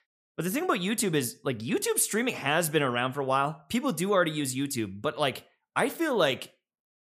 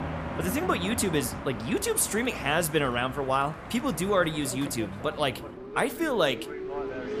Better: first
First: none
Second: traffic noise; loud; throughout; 10 dB below the speech

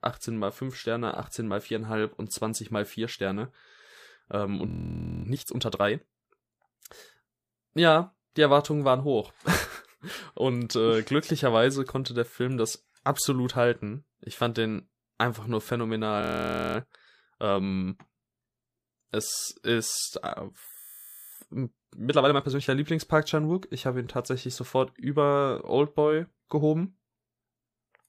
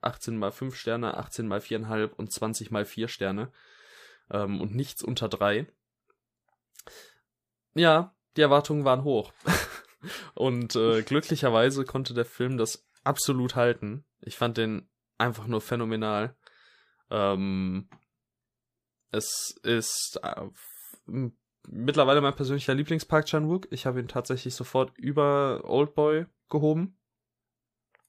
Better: second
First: audio freezing; at 4.5 s for 0.5 s, at 16 s for 0.5 s and at 21 s for 0.5 s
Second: none

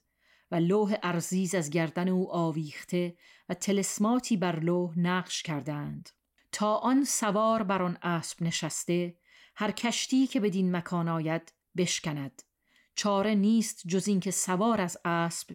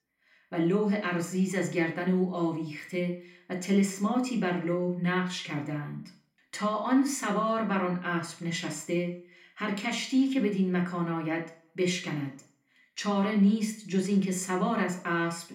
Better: first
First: none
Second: room echo; slight; dies away in 0.4 s // off-mic speech; somewhat distant

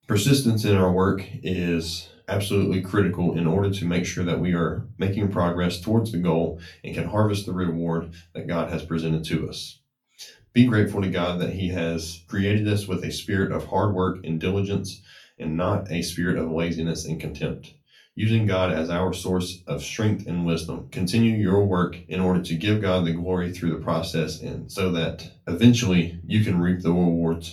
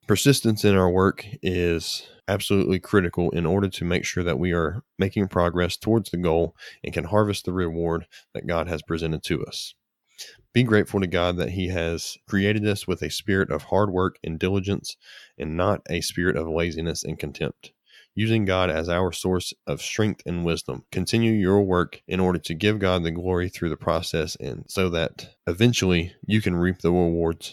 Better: second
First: off-mic speech; far // room echo; very slight; dies away in 0.3 s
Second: none

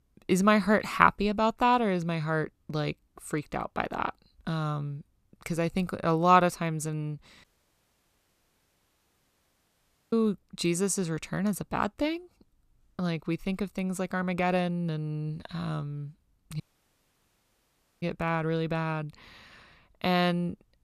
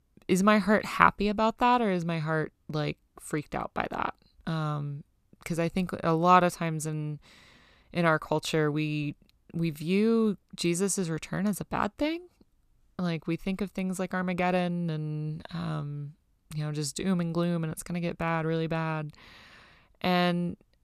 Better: second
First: audio cutting out; at 7.5 s for 2.5 s and at 17 s for 1.5 s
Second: none

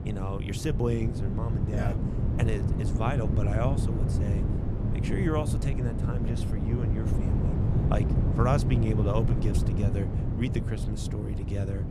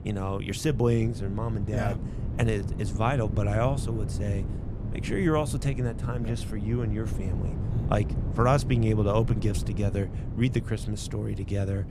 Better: second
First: wind noise on the microphone; heavy; 3 dB below the speech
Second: wind noise on the microphone; occasional gusts; 10 dB below the speech

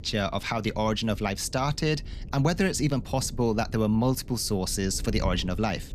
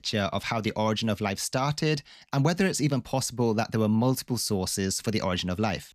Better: second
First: wind noise on the microphone; occasional gusts; 25 dB below the speech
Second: none

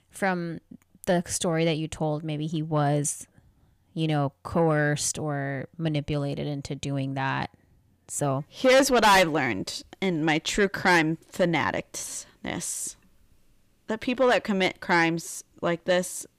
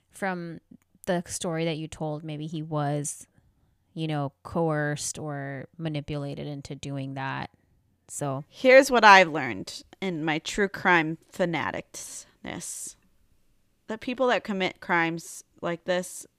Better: second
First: distortion; heavy; 5 dB below the speech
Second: none

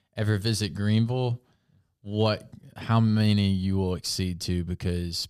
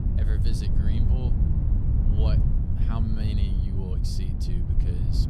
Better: first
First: none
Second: wind noise on the microphone; heavy; 1 dB above the speech

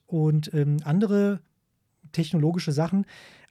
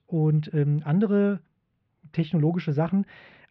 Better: first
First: none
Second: muffled; very; fading above 3 kHz

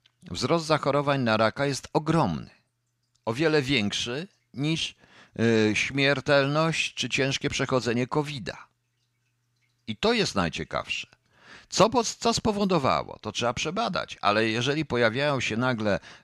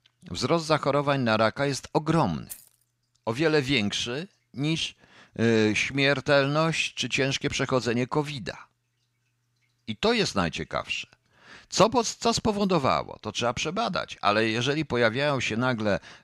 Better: first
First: none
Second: jangling keys; faint; at 2.5 s; peak 15 dB below the speech

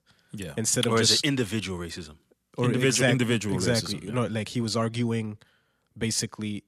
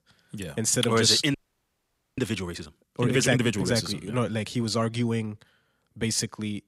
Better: first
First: none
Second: audio freezing; at 1.5 s for 1 s

